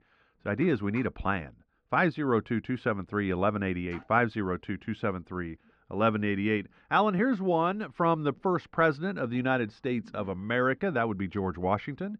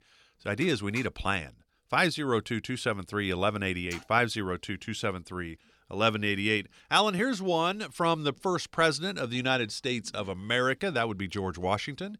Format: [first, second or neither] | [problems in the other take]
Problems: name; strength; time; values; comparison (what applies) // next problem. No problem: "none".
second | muffled; very; fading above 1.5 kHz